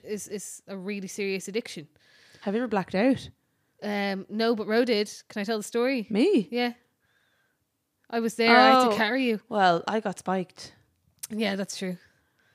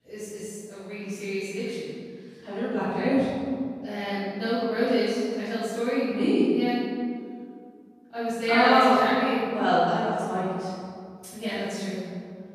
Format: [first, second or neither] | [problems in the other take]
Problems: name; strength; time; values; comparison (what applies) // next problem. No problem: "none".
first | off-mic speech; far // room echo; strong; dies away in 1.8 s